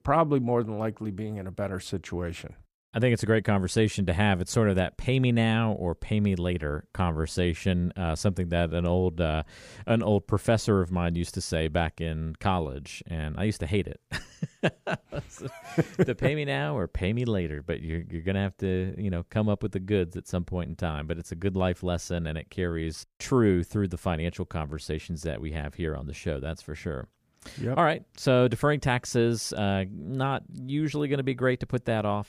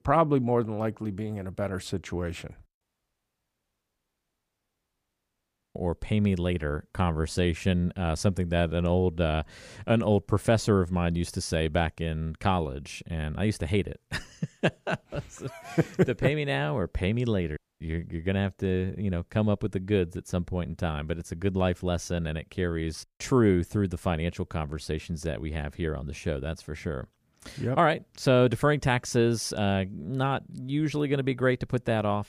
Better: first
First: none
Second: audio cutting out; at 3 s for 3 s and at 18 s

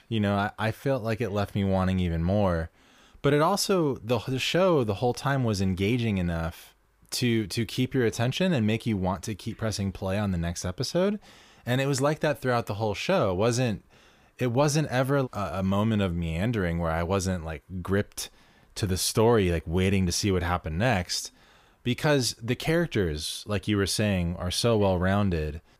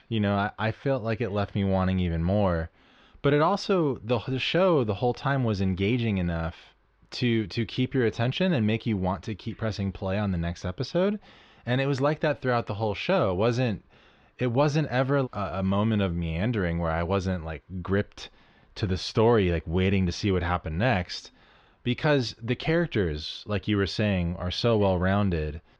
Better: first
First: none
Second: muffled; very slightly; fading above 4.5 kHz

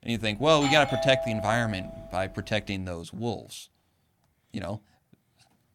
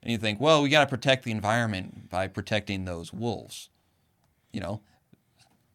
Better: second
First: doorbell; noticeable; until 2.5 s; peak 3 dB below the speech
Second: none

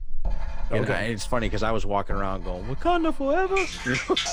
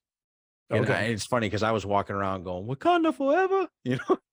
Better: second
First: household noises; loud; throughout; 7 dB below the speech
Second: none

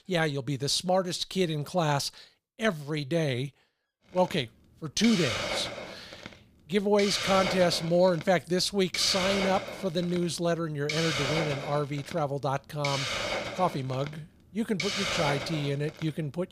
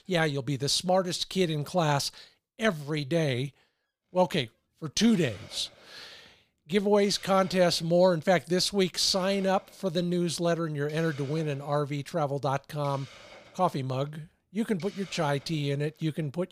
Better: second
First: hiss; loud; from 4 s on; 4 dB below the speech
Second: hiss; faint; from 4 s on; 20 dB below the speech

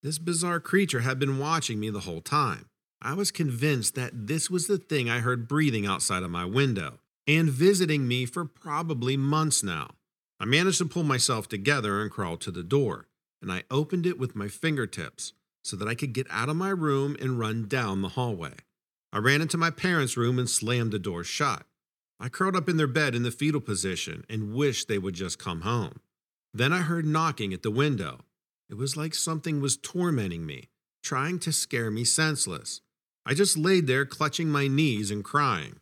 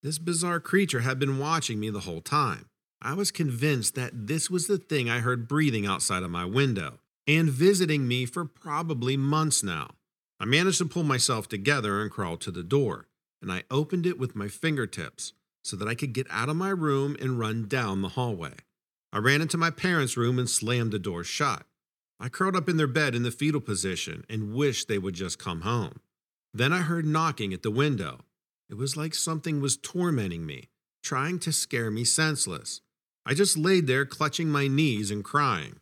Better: neither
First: none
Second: none

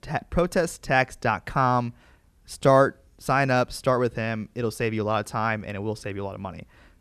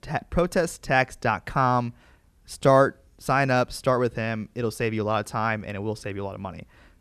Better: neither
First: none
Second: none

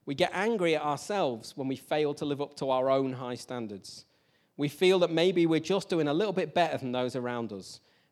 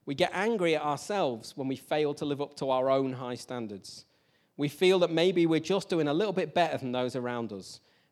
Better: neither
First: none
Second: none

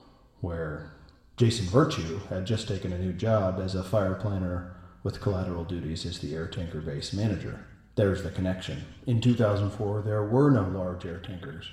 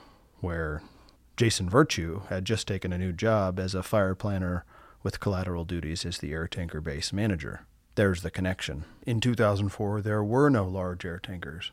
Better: second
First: room echo; slight; dies away in 1 s // off-mic speech; somewhat distant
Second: none

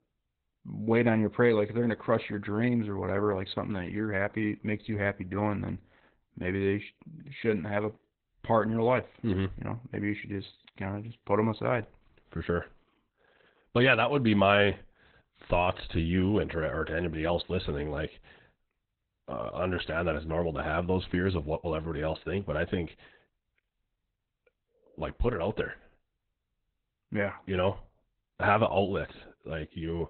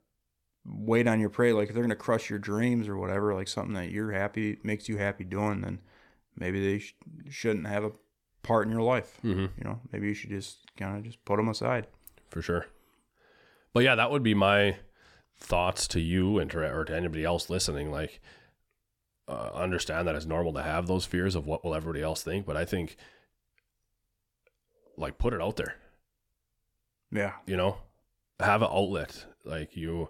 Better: second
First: garbled, watery; badly; nothing above 4 kHz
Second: none

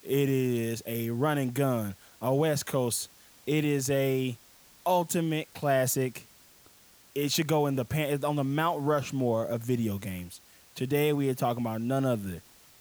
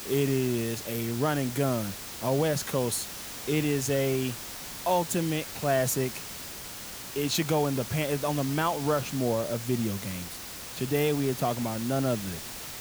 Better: first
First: hiss; faint; throughout; 25 dB below the speech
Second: hiss; loud; throughout; 8 dB below the speech

